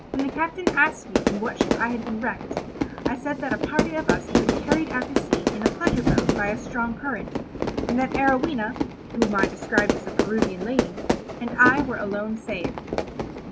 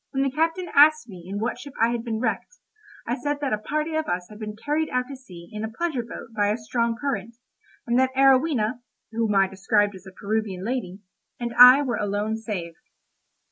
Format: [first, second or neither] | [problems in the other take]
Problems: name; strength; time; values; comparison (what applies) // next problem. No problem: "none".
second | background sound (Fire / Fireworks); 1 dB above the speech